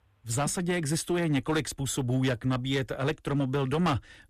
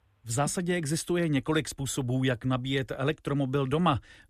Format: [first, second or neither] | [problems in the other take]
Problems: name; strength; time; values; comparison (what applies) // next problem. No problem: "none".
second | distortion; slight; 8% of the sound clipped